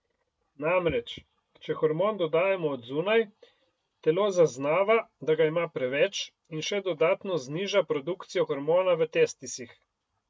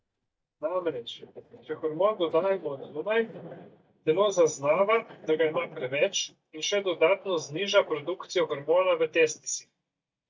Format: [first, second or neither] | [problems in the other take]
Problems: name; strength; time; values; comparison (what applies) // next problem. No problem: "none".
first | noise reduction (neural mask model DeepFilterNet 3)